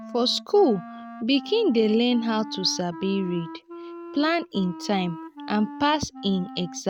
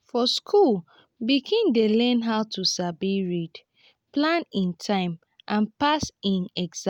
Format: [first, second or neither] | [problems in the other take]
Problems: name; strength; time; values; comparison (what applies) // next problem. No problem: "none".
second | background sound (Wind instrument, woodwind instrument); 14 dB below the speech